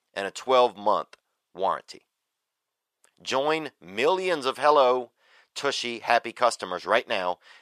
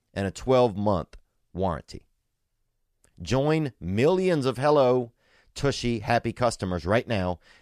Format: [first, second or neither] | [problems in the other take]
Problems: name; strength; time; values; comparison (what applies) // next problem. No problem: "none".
second | thin; very; fading below 450 Hz